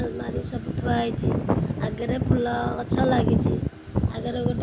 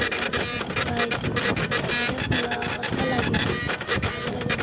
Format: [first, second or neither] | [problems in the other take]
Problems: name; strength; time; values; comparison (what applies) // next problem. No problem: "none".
first | background sound (Printer); 1 dB above the speech